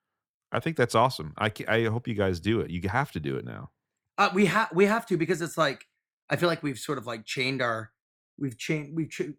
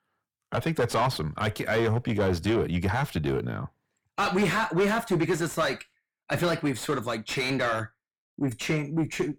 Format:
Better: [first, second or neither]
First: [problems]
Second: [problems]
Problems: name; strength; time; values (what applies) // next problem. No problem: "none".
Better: first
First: none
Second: distortion; heavy; 5 dB below the speech